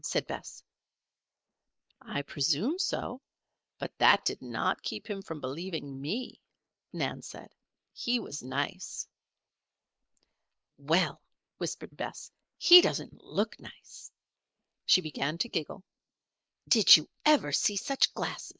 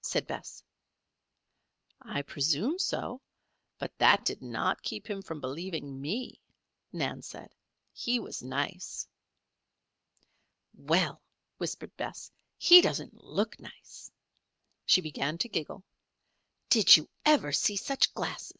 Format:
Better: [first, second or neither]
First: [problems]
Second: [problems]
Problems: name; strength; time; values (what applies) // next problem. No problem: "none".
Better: second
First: noise reduction (neural mask model Resemble Enhance denoiser)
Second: none